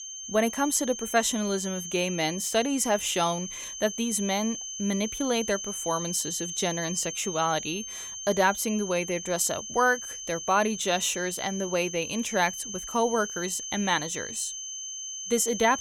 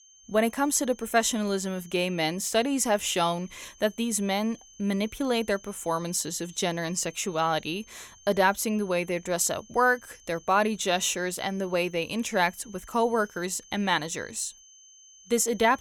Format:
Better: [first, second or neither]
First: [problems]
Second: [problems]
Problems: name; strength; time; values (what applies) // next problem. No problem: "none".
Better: second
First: high-pitched whine; loud; throughout; 6.5 kHz, 7 dB below the speech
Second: high-pitched whine; faint; throughout; 6.5 kHz, 25 dB below the speech